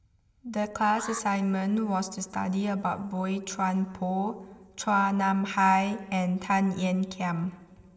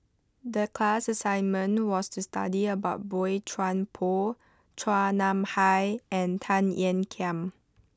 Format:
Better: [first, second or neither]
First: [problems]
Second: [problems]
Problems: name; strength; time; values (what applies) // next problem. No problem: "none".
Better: second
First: background sound (Alarm); 17 dB below the speech // room echo; dies away in 2.4 s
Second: none